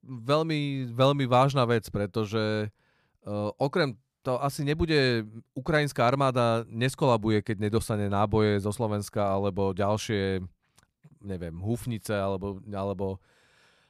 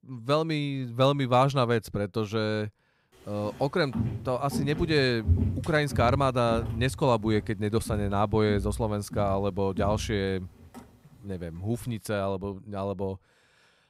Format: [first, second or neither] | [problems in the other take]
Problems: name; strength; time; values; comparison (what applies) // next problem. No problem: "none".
first | footsteps; loud; from 4 to 10 s; peak 1 dB above the speech